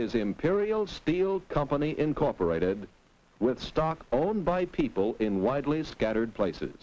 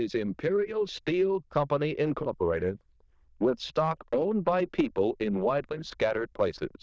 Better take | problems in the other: first | noise reduction (neural diffusion model UNIVERSE++)

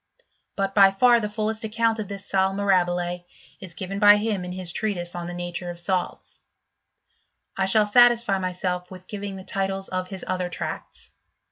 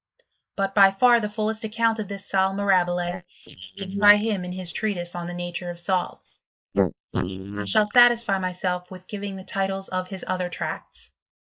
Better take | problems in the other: first | noise reduction (neural mask model Resemble Enhance denoiser)

